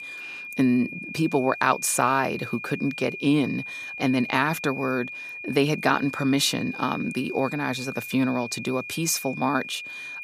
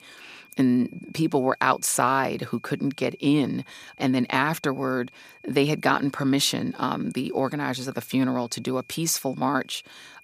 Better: second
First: high-pitched whine; loud; throughout; 2.5 kHz, 10 dB below the speech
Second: high-pitched whine; faint; throughout; 2.5 kHz, 25 dB below the speech

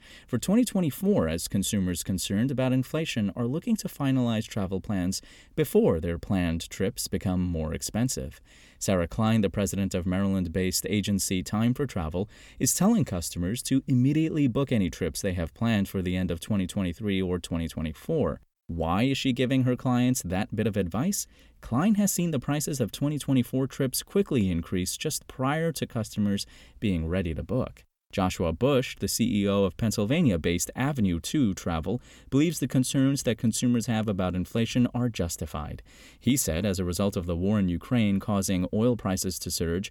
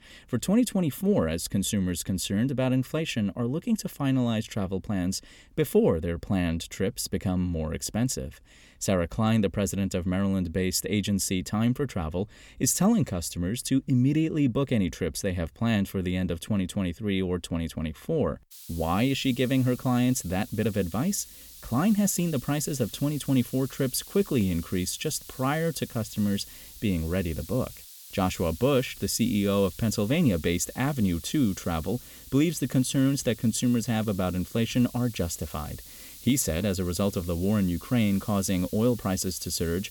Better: first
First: none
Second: hiss; noticeable; from 19 s on; 15 dB below the speech

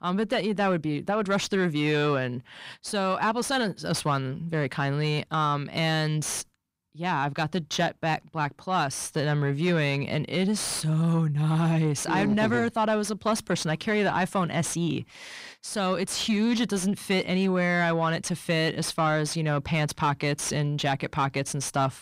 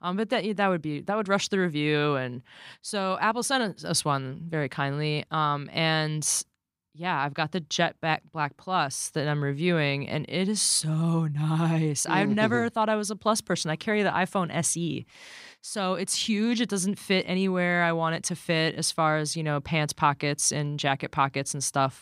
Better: second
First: distortion; slight; 10 dB below the speech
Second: none

